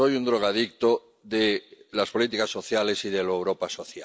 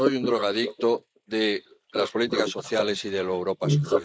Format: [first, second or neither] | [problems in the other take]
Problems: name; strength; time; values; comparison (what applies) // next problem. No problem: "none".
first | noise reduction (neural mask model Resemble Enhance denoiser)